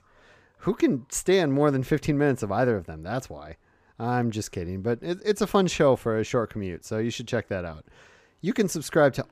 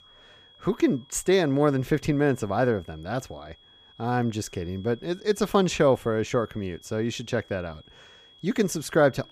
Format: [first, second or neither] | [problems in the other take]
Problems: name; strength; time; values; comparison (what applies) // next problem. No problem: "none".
first | high-pitched whine; faint; throughout; 3.5 kHz, 25 dB below the speech